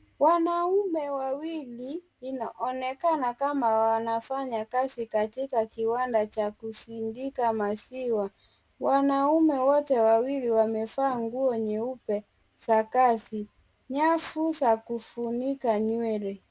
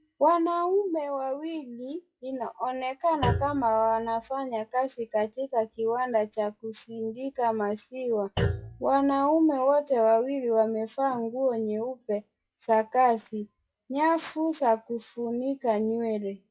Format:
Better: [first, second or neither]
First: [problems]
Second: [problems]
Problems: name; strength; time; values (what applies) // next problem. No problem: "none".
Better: first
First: none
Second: noise reduction (classical method log-MMSE)